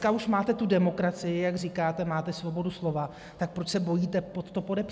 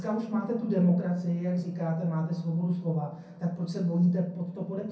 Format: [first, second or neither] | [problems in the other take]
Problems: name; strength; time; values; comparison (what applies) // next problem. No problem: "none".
first | room echo; dies away in 0.6 s